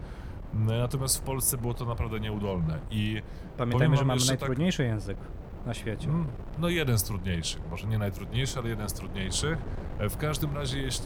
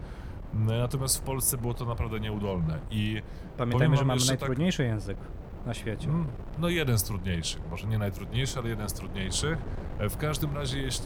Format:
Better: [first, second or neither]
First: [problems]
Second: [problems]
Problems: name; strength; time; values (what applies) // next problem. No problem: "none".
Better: neither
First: wind noise on the microphone; occasional gusts; 15 dB below the speech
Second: wind noise on the microphone; occasional gusts; 15 dB below the speech